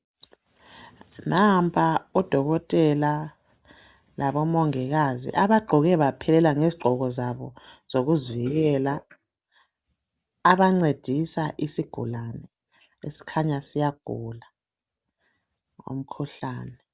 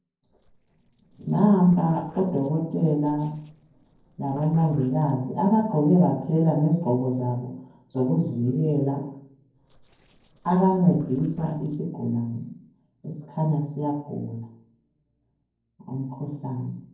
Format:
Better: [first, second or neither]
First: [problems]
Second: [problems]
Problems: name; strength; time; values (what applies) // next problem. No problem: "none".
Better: first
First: none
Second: noise reduction (neural separator model SepFormer DNS4)